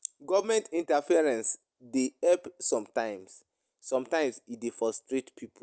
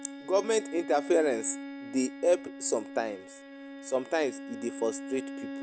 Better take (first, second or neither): first